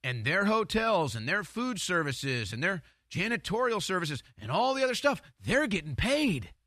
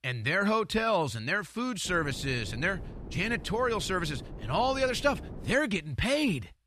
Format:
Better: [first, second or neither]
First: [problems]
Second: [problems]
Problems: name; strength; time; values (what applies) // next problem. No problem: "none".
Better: first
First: none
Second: wind noise on the microphone; occasional gusts; from 2 to 5.5 s; 20 dB below the speech